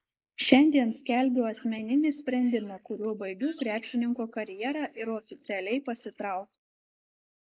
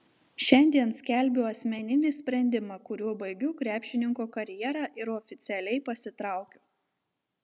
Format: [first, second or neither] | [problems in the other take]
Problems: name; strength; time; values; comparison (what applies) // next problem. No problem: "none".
second | noise reduction (neural mask model Resemble Enhance denoiser)